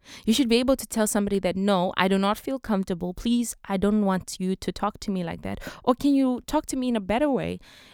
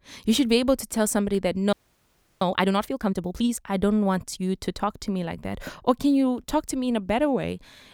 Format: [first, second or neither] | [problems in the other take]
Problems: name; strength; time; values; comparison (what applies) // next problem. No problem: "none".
first | audio freezing; at 1.5 s for 0.5 s